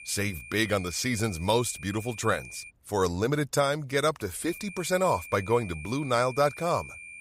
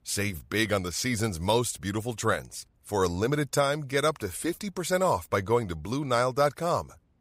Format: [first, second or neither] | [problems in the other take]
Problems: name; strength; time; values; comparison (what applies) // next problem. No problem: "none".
second | high-pitched whine; noticeable; until 2.5 s and from 4.5 s on; 2.5 kHz, 15 dB below the speech